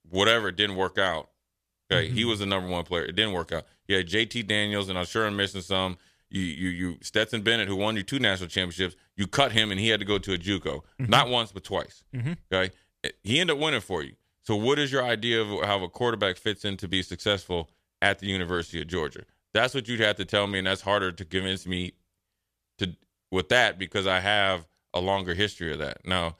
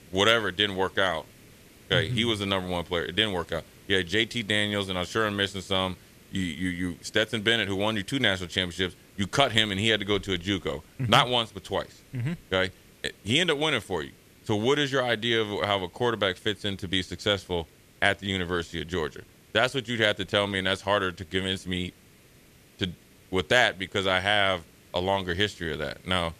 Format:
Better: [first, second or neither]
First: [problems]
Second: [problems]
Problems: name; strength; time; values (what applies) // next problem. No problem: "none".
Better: first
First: none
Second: hiss; faint; throughout; 25 dB below the speech